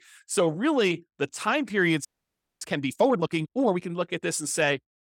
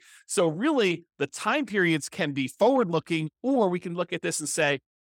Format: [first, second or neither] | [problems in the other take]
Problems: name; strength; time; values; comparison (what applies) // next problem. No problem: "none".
second | audio freezing; at 2 s for 0.5 s